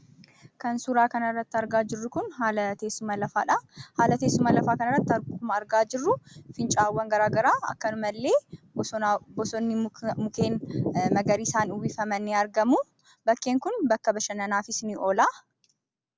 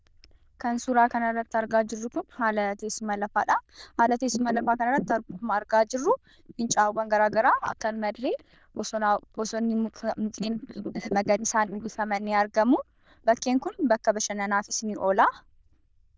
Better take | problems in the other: first | noise reduction (neural diffusion model UNIVERSE++)

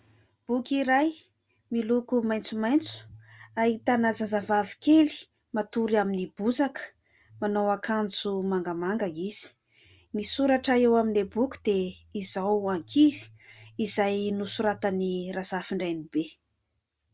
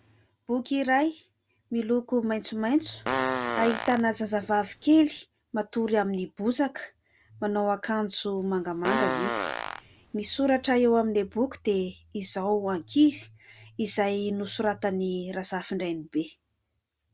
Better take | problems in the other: first | background sound (Fart); 5 dB below the speech

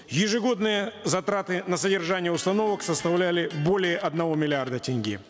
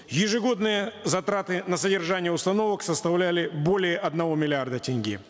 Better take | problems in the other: second | background sound (Electric guitar); 19 dB below the speech

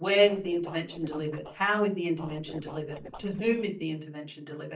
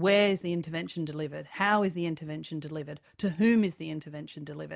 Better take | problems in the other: second | noise reduction (neural mask model DeepFilterNet 3)

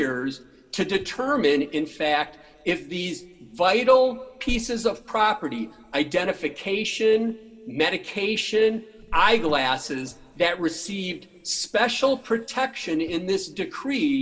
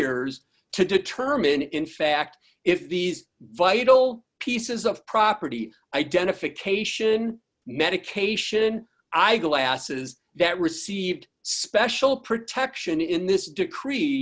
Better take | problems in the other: second | background sound (Cricket); 16 dB below the speech // room echo; dies away in 0.3 s

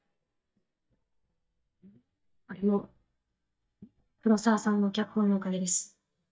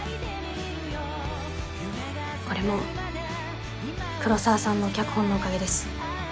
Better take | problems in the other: second | noise reduction (neural mask model DeepFilterNet 3)

